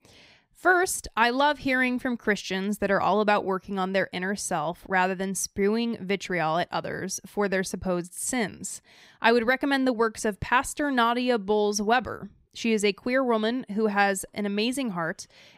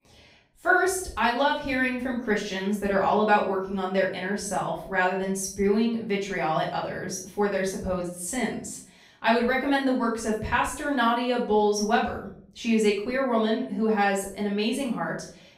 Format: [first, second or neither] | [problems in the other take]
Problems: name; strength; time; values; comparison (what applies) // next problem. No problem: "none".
first | room echo; noticeable; dies away in 0.4 s // off-mic speech; far